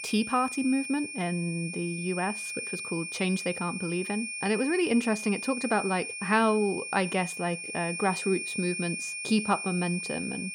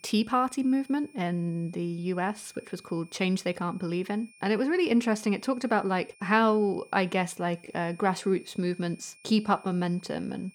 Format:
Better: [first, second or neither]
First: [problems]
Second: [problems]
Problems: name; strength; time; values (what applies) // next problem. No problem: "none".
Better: second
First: high-pitched whine; loud; throughout; 2.5 kHz, 5 dB below the speech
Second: high-pitched whine; faint; throughout; 2.5 kHz, 25 dB below the speech